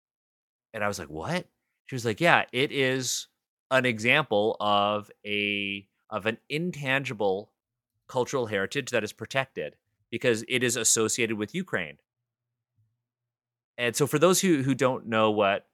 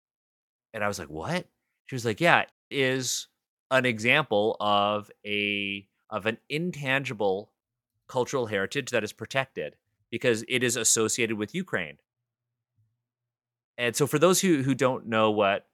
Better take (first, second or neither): first